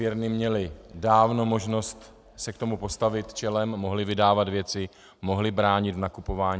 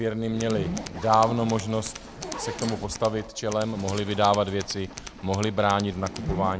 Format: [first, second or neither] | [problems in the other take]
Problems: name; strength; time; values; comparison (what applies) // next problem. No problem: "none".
first | background sound (Tools + Zipper (clothing)); 10 dB below the speech